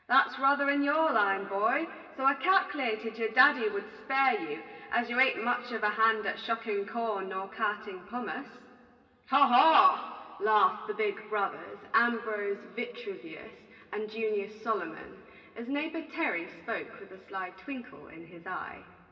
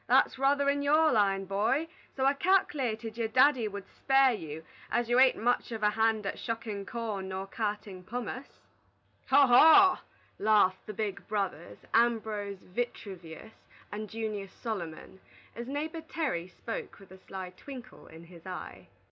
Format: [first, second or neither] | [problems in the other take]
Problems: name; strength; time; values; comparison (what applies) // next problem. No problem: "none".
second | room echo; dies away in 2 s